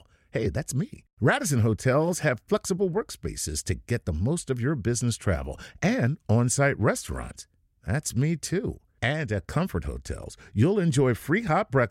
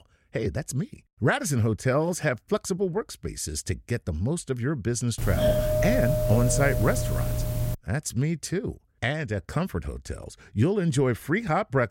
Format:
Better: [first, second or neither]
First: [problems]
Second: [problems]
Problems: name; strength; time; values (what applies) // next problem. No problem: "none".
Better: first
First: none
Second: doorbell; loud; from 5 to 8 s; peak 4 dB above the speech